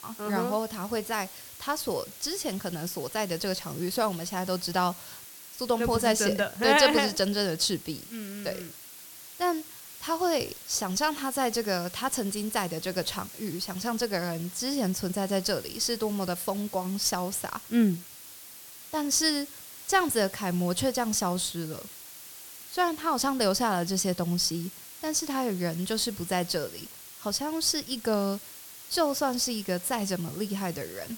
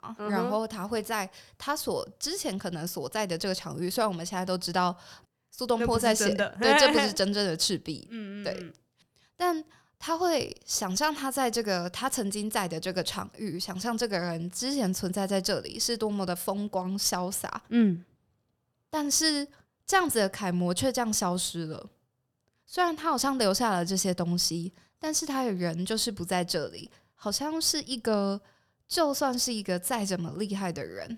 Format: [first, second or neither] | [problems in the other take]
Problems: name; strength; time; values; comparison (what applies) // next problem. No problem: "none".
second | hiss; noticeable; throughout; 15 dB below the speech